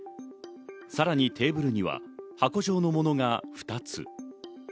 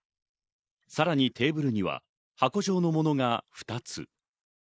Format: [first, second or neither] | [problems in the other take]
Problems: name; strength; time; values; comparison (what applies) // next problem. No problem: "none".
first | noise reduction (neural mask model Resemble Enhance denoiser)